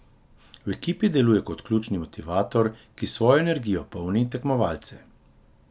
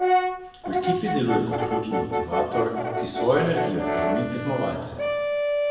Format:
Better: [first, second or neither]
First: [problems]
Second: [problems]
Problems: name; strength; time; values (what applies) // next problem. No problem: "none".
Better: first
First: none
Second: background sound (Brass instrument); 1 dB above the speech // room echo; dies away in 1.2 s